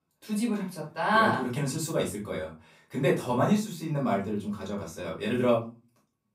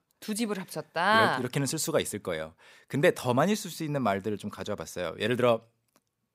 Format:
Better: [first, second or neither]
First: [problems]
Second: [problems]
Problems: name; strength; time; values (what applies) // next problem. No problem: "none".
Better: second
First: off-mic speech; far // room echo; slight; dies away in 0.3 s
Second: none